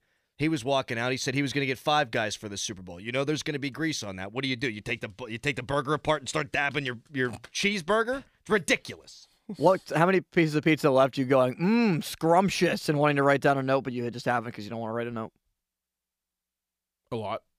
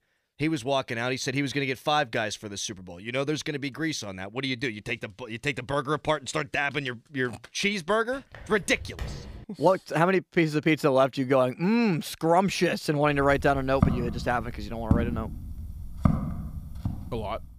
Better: first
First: none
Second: footsteps; faint; from 8.5 to 9.5 s; peak 10 dB below the speech // footsteps; loud; from 13 to 17 s; peak 1 dB above the speech

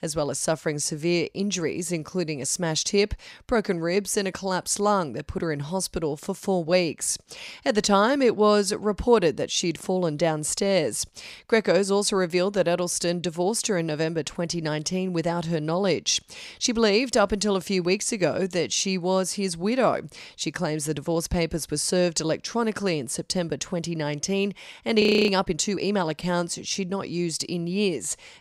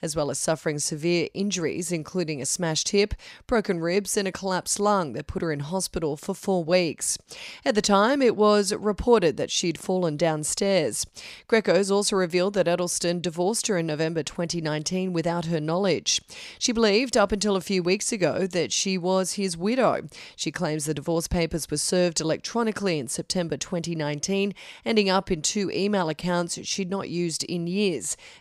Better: second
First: audio freezing; at 25 s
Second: none

